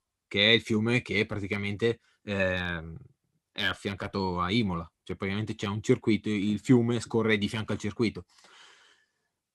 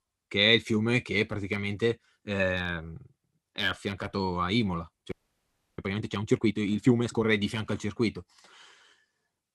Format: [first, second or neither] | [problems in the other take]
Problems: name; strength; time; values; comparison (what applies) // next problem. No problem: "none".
first | audio freezing; at 5 s for 0.5 s